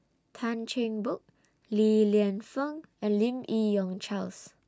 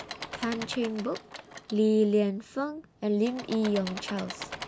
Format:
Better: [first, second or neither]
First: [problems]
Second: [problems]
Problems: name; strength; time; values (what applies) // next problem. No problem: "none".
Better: first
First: none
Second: background sound (Engine / Mechanisms); 13 dB below the speech